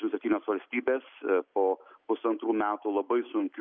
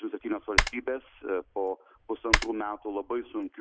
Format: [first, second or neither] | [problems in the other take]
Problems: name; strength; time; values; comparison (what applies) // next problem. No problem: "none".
first | background sound (Typing); 1 dB above the speech